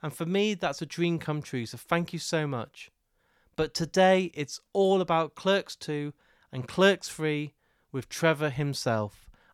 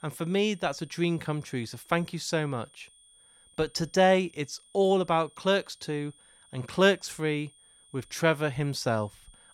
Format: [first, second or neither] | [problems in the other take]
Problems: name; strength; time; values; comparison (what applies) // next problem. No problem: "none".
first | high-pitched whine; faint; throughout; 9 kHz, 30 dB below the speech